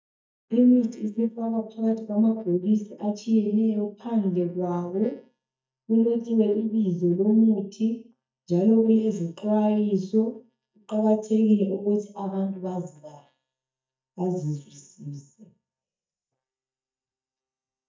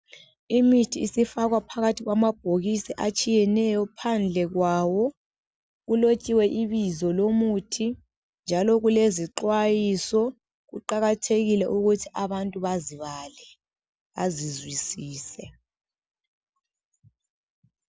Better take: second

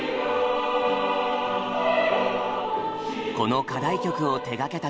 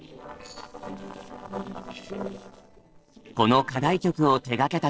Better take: first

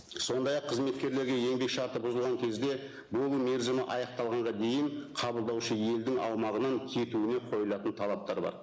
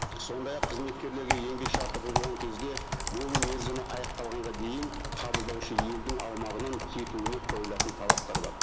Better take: first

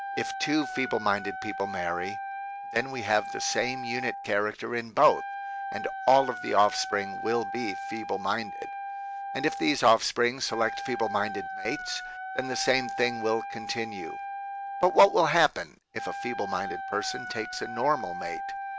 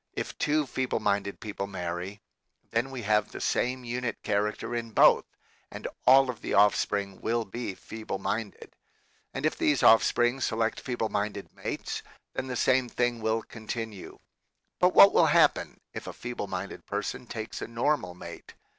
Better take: second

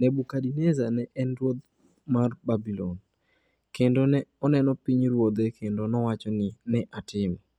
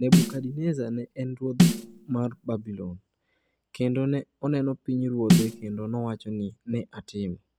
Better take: first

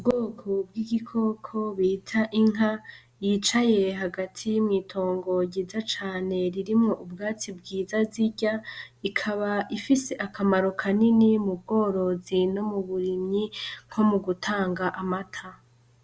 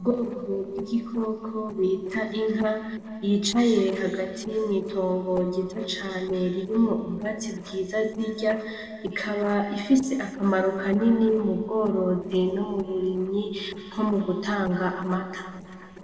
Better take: first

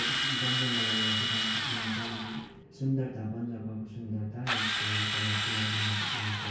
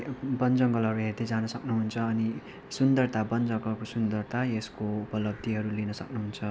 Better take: second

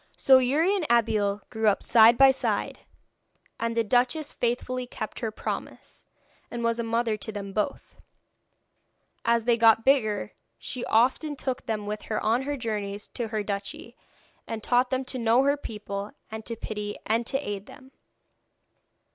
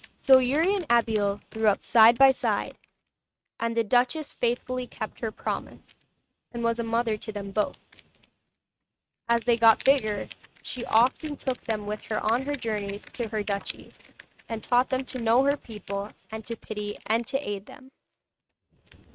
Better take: first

